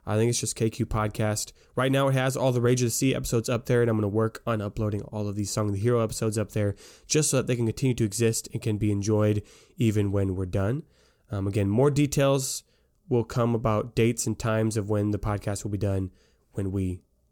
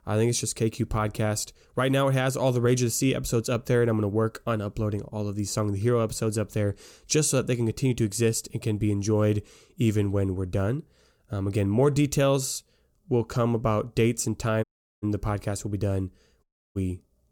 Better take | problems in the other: first | audio cutting out; at 15 s and at 16 s

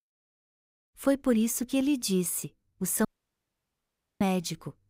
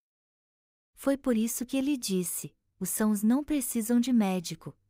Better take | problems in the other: second | audio cutting out; at 3 s for 1 s

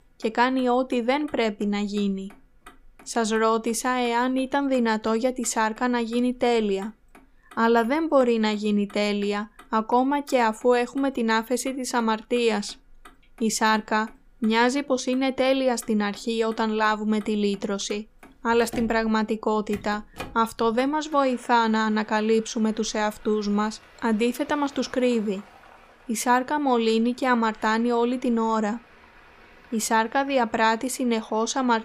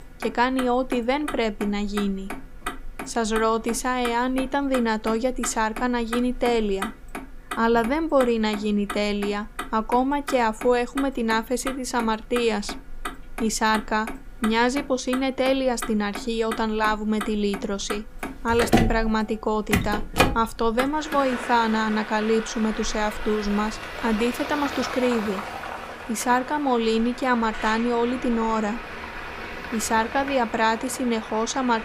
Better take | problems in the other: first | traffic noise; loud; throughout; 9 dB below the speech; faint in the first

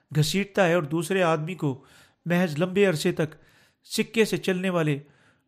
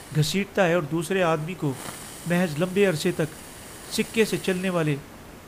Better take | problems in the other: first | hiss; noticeable; throughout; 15 dB below the speech

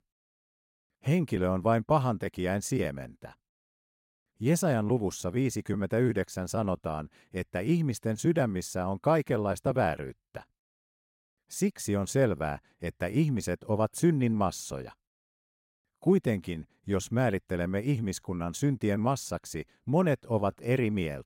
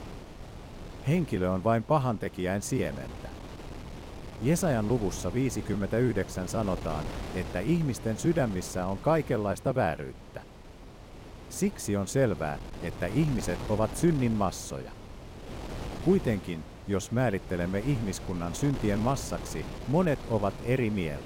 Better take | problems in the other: first | wind noise on the microphone; occasional gusts; 15 dB below the speech

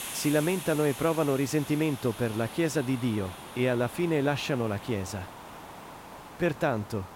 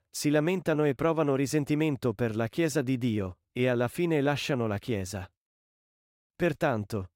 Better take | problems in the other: second | hiss; noticeable; throughout; 15 dB below the speech

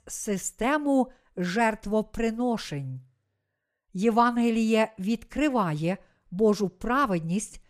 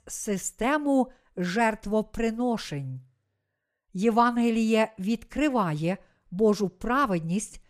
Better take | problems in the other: neither | none

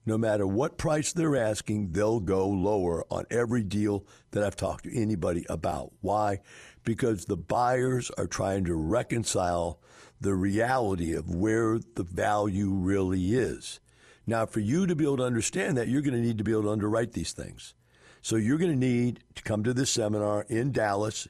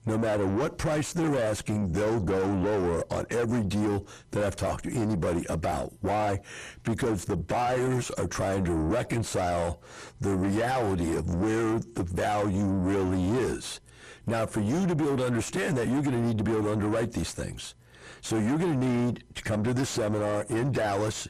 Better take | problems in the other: first | distortion; heavy; 7 dB below the speech

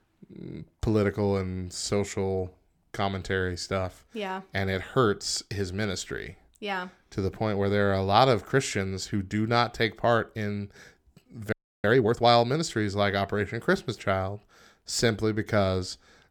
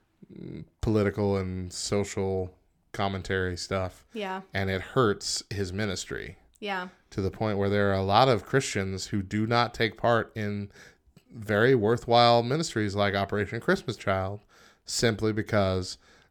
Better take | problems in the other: second | audio freezing; at 12 s

